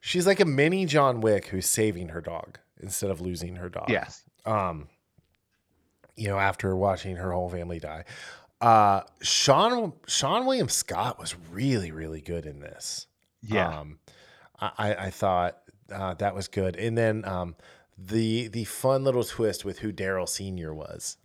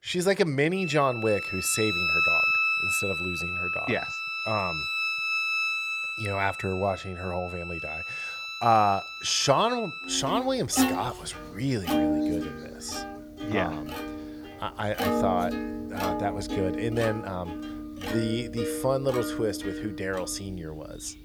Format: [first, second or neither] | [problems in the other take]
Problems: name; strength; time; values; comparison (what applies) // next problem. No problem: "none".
first | background music; loud; throughout; as loud as the speech